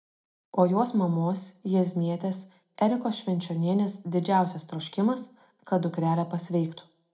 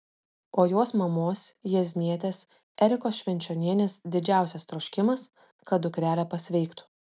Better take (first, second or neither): second